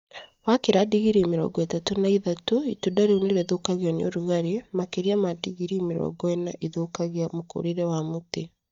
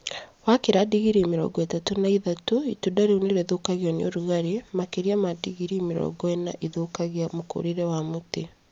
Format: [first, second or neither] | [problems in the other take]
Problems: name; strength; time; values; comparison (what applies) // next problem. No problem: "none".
second | noise reduction (neural mask model DeepFilterNet 3)